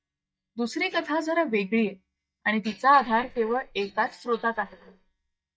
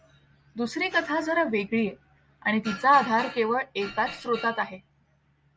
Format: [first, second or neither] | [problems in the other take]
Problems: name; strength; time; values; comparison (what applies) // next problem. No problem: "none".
second | noise reduction (neural mask model DeepFilterNet 3)